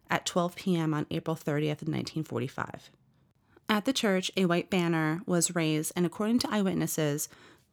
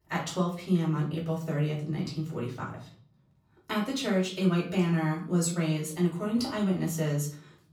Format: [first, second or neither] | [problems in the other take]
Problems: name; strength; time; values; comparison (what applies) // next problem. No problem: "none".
first | off-mic speech; far // room echo; slight; dies away in 0.5 s